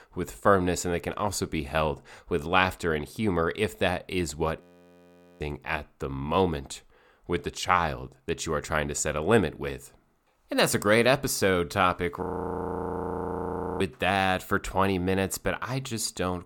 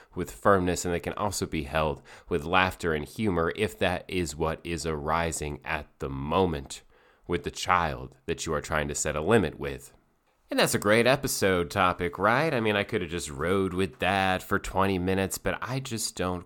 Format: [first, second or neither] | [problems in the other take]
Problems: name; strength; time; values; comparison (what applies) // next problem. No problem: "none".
second | audio freezing; at 4.5 s for 1 s and at 12 s for 1.5 s